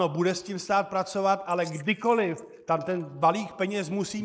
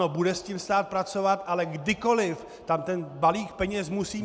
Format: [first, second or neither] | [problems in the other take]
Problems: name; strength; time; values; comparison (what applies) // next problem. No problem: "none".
second | noise reduction (neural mask model Resemble Enhance denoiser)